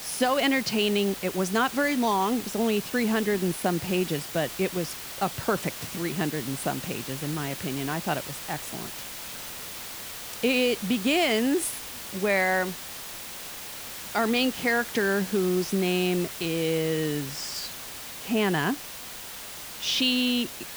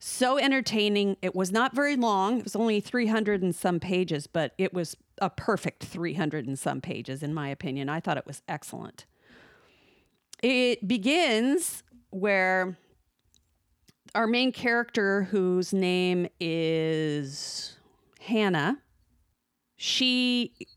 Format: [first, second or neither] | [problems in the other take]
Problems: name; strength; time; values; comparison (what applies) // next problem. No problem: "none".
second | hiss; loud; throughout; 9 dB below the speech